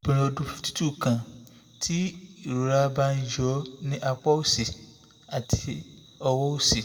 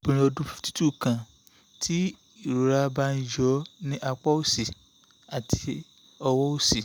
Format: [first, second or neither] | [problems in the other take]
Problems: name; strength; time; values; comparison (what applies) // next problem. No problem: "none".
second | room echo; dies away in 0.9 s